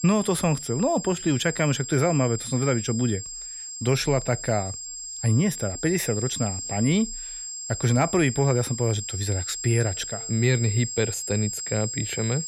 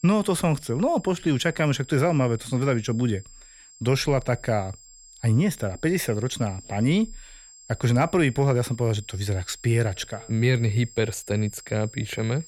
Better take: second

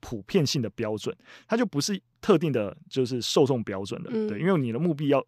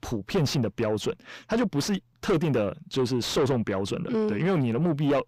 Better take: first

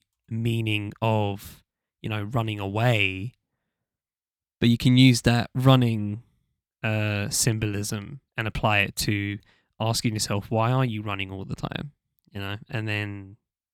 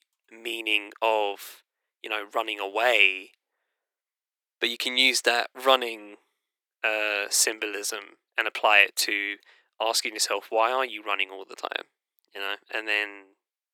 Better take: first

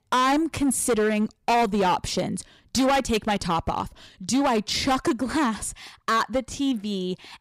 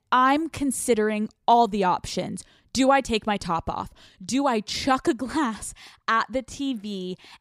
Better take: second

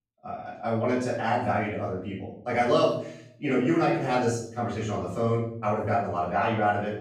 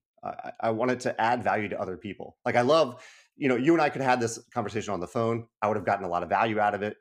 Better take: second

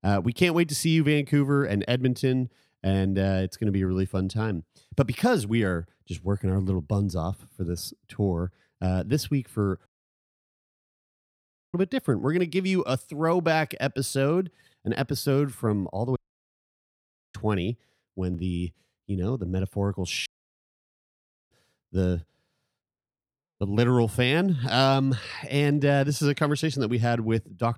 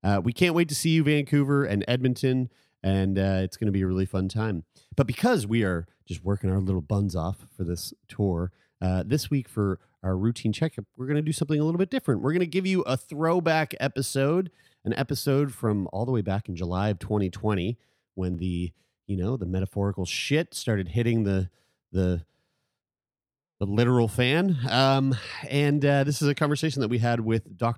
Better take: second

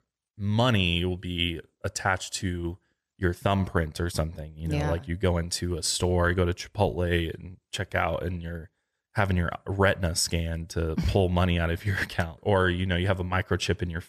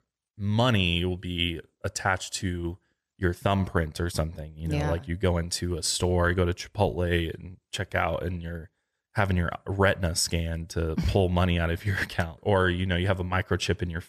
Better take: neither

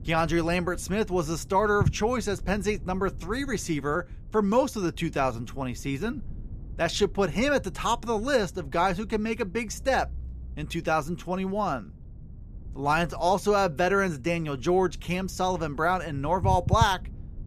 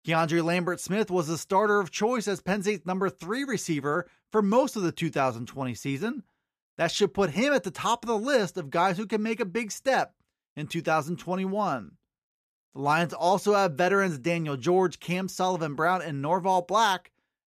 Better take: second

